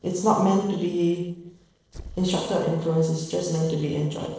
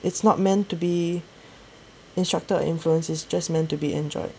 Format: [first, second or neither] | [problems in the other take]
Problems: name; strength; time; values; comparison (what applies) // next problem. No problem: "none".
second | noise reduction (neural separator model SepFormer DNS4)